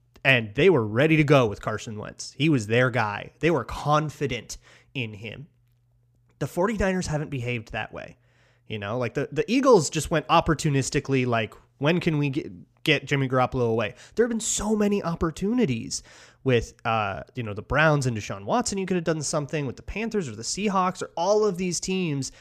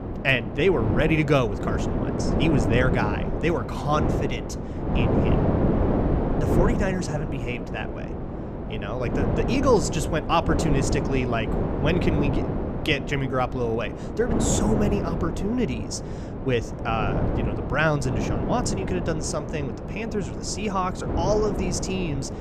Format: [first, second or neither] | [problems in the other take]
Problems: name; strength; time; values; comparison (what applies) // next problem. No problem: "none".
first | wind noise on the microphone; heavy; 4 dB below the speech